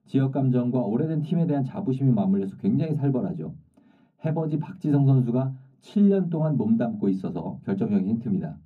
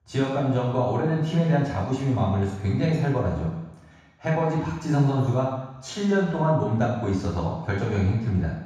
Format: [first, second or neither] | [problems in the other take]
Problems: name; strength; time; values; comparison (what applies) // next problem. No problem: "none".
first | room echo; strong; dies away in 1.1 s; slight in the first // off-mic speech; far; far in the first